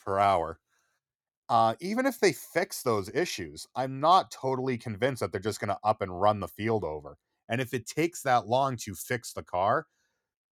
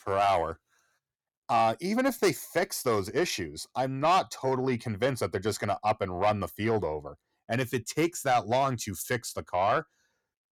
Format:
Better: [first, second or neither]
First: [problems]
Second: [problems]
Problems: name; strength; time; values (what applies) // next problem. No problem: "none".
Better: first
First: none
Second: distortion; slight; 10 dB below the speech